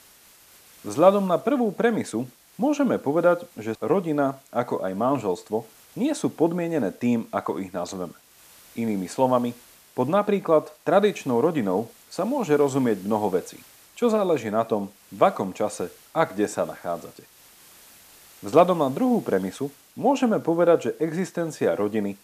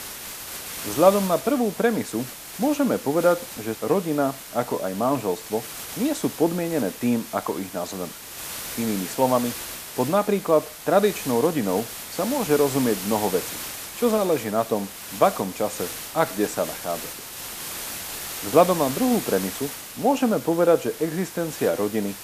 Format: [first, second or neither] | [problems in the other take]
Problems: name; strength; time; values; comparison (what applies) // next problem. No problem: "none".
first | hiss; loud; throughout; 9 dB below the speech; faint in the first